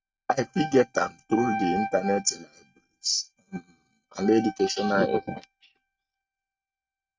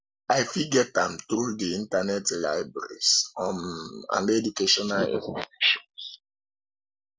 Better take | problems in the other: second | noise reduction (neural mask model RNNoise)

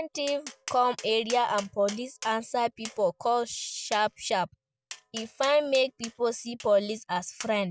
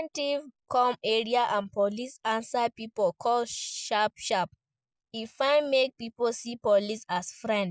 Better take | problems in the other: second | background sound (Tap); 17 dB below the speech

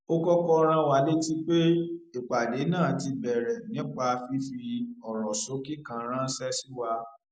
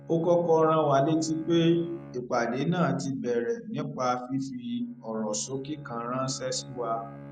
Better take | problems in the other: first | background sound (Bowed string instrument); 18 dB below the speech

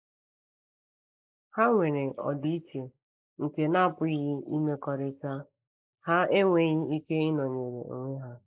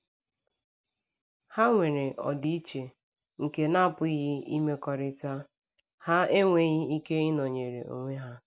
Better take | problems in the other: second | noise reduction (neural mask model Resemble Enhance denoiser)

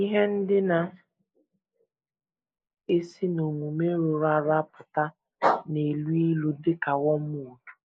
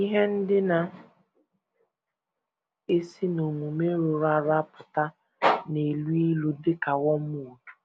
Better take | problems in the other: second | noise reduction (neural mask model Resemble Enhance denoiser)

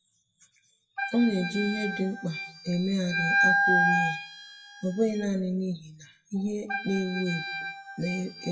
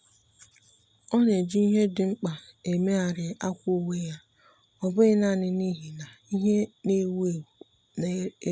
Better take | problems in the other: second | noise reduction (classical method WPE with log-MMSE)

